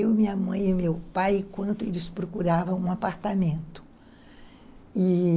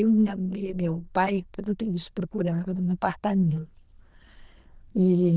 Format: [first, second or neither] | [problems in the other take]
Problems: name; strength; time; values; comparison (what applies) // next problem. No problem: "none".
first | noise reduction (neural diffusion model UNIVERSE++)